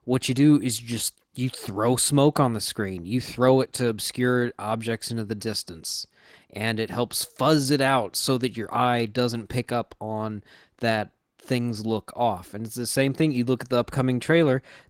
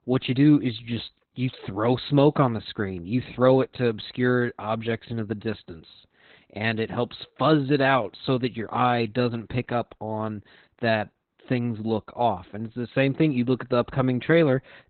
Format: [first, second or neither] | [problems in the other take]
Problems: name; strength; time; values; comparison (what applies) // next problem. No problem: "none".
first | garbled, watery; badly; nothing above 4 kHz; slightly in the first